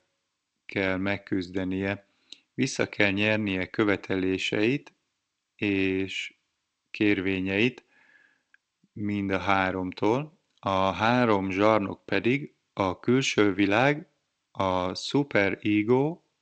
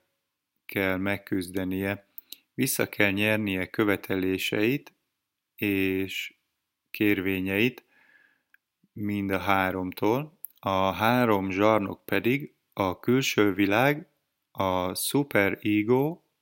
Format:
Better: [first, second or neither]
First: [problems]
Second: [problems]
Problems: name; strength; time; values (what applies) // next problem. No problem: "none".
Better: second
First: garbled, watery; slightly; nothing above 7.5 kHz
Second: none